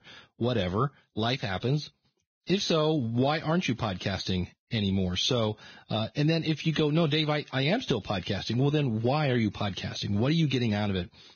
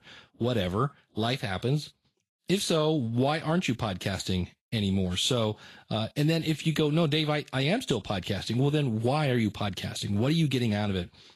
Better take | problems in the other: second | garbled, watery; badly; nothing above 6.5 kHz; slightly in the second

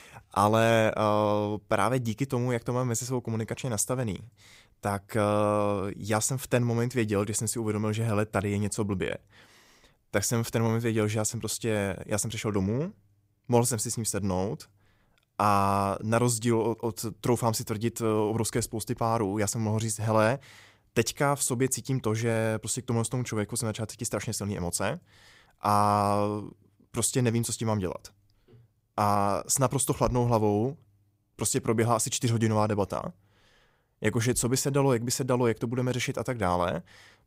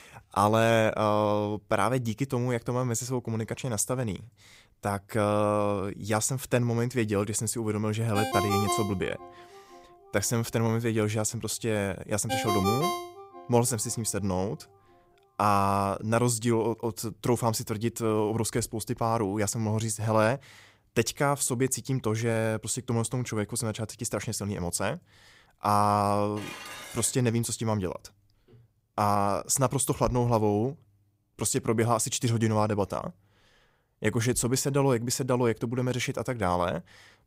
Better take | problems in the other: first | phone ringing; loud; from 8 to 13 s; peak level with the speech // clattering dishes; faint; at 26 s; peak 10 dB below the speech

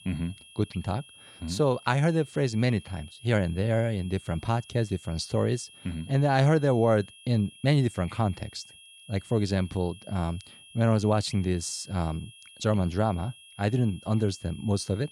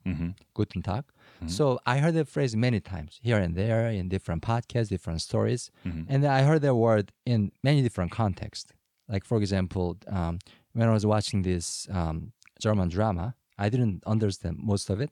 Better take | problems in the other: second | high-pitched whine; faint; throughout; 3 kHz, 20 dB below the speech

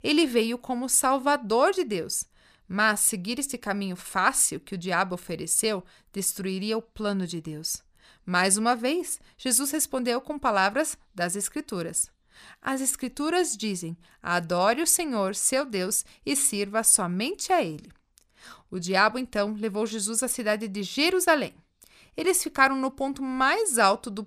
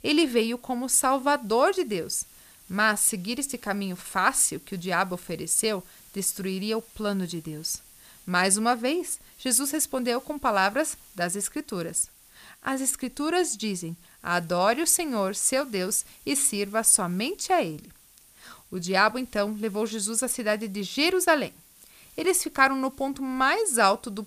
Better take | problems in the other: first | hiss; faint; throughout; 25 dB below the speech

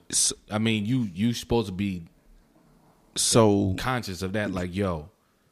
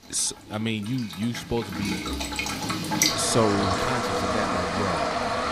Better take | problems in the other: first | household noises; very loud; throughout; 2 dB above the speech

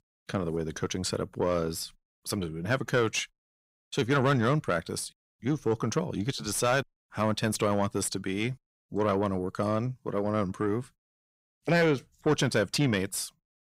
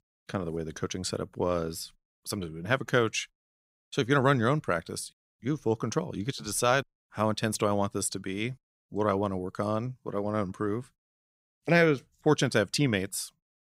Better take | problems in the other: second | distortion; slight; 10 dB below the speech

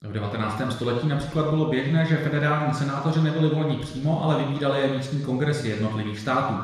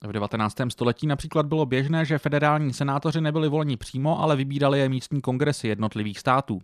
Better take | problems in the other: second | room echo; noticeable; dies away in 1.1 s // off-mic speech; somewhat distant

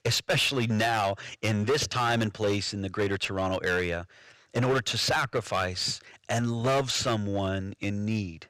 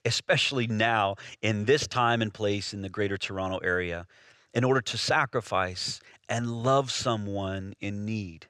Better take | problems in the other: second | distortion; heavy; 9% of the sound clipped

